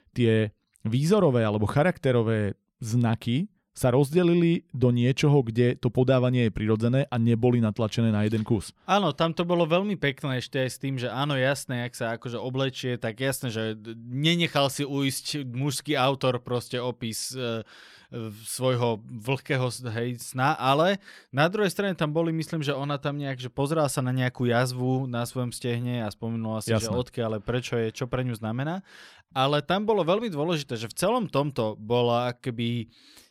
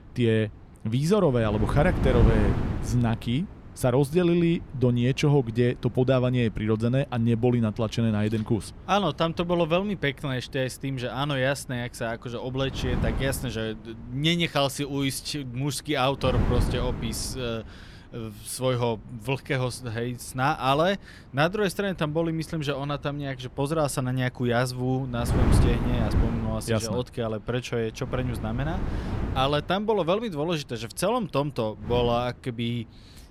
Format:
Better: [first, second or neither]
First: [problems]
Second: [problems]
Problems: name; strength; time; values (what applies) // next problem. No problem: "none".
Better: first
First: none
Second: wind noise on the microphone; heavy; 8 dB below the speech